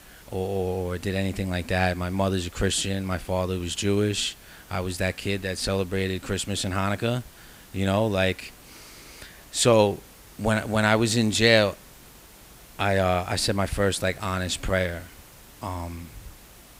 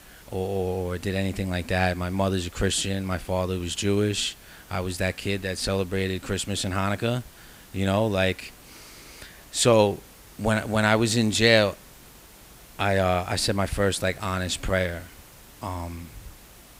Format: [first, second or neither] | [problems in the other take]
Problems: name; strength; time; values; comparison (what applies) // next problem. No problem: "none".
neither | hiss; faint; throughout; 25 dB below the speech; the same in both